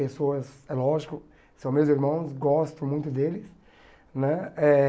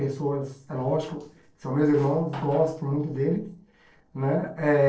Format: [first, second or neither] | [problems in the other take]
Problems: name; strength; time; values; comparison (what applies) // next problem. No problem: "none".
first | noise reduction (neural separator model SepFormer DNS4)